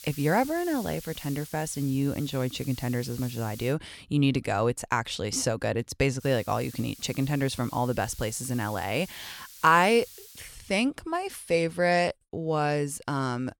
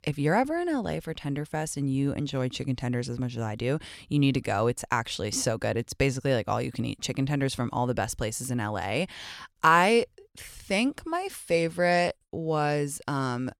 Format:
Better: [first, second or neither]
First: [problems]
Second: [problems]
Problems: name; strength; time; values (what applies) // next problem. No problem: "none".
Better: second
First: hiss; noticeable; until 3.5 s and from 6 to 10 s; 15 dB below the speech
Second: none